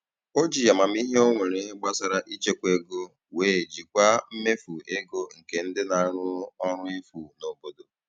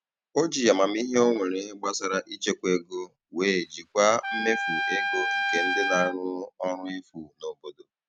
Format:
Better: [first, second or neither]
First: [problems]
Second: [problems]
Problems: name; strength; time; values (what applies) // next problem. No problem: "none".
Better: first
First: none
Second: background sound (Trumpet); 2 dB below the speech